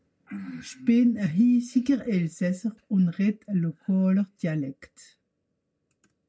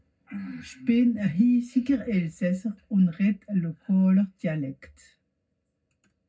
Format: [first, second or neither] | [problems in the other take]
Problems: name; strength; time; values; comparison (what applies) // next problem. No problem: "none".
first | room echo; dies away in 0.3 s